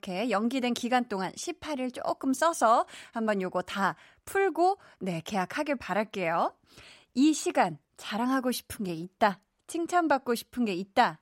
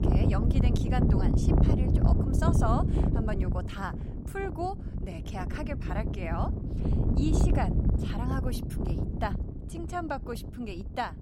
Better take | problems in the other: first | wind noise on the microphone; heavy; 2 dB below the speech

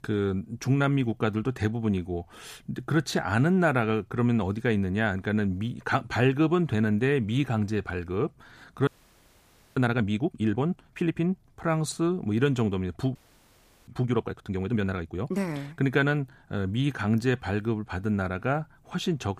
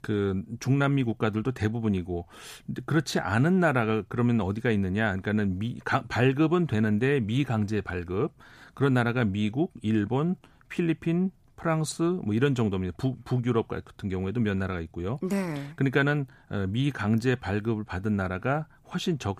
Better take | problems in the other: second | audio freezing; at 9 s for 1 s and at 13 s for 0.5 s

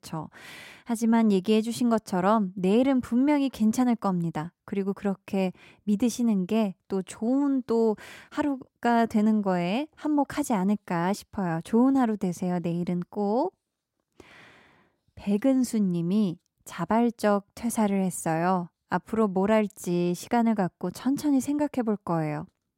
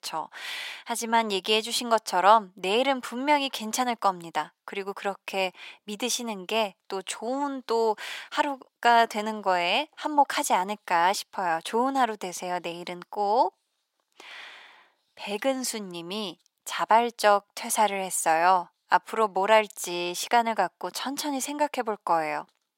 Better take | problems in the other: first | thin; very; fading below 650 Hz

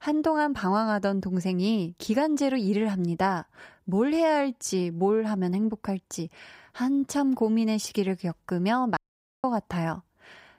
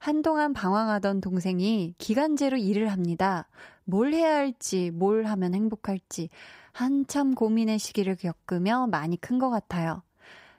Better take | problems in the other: second | audio cutting out; at 9 s

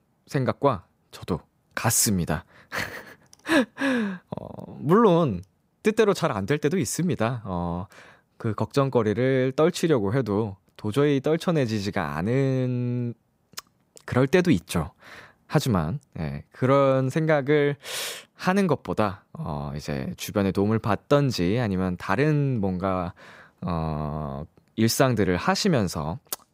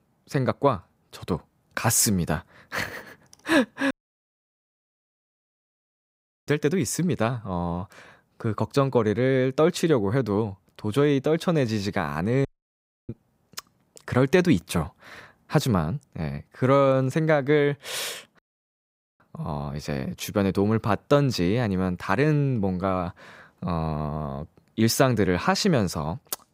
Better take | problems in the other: first | audio cutting out; at 4 s for 2.5 s, at 12 s for 0.5 s and at 18 s for 1 s

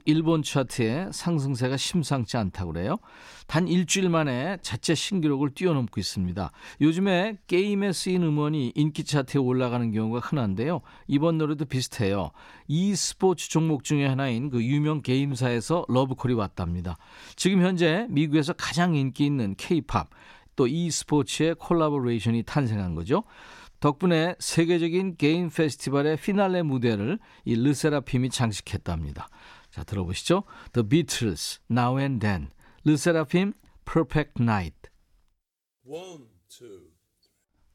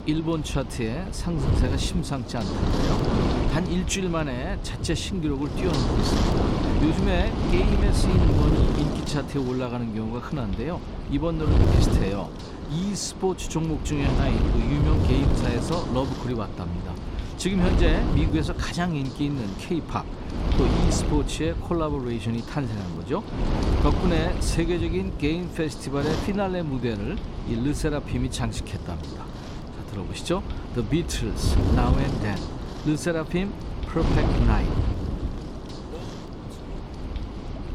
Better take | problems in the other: first | wind noise on the microphone; heavy; 3 dB below the speech

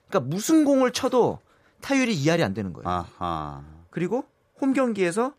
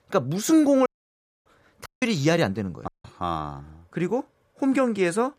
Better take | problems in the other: first | audio cutting out; at 1 s for 0.5 s, at 2 s and at 3 s

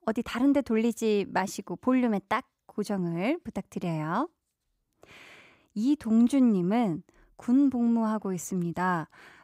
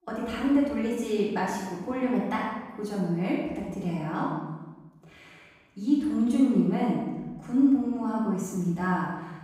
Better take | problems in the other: first | off-mic speech; far // room echo; strong; dies away in 1.1 s

